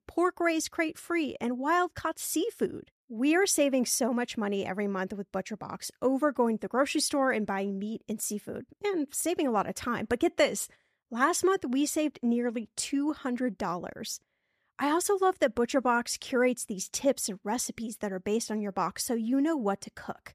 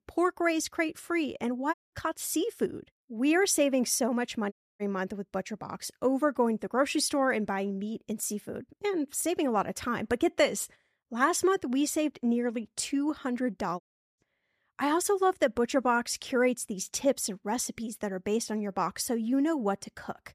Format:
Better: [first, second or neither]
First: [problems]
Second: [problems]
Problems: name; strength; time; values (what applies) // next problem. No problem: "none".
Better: first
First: none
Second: audio cutting out; at 1.5 s, at 4.5 s and at 14 s